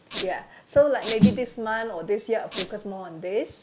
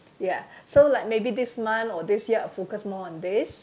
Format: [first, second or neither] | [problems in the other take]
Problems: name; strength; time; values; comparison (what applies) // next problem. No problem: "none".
second | background sound (Squeak + Snare drum); 1 dB below the speech